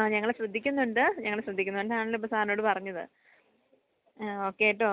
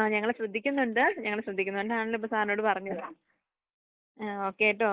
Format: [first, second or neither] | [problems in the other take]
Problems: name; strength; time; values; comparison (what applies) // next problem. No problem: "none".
first | noise reduction (neural mask model Resemble Enhance denoiser)